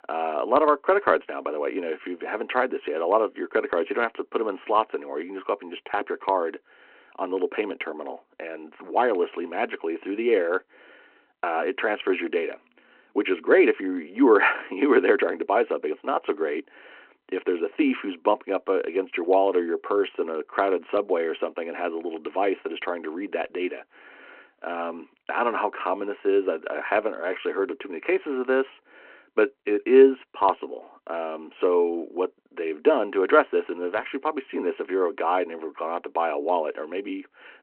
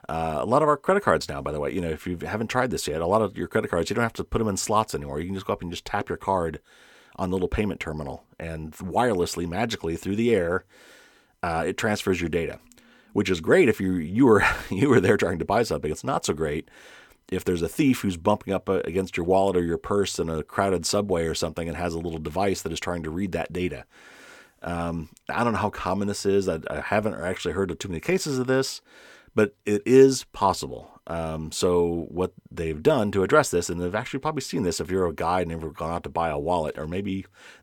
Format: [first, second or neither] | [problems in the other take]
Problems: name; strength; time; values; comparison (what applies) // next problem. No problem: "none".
second | phone-call audio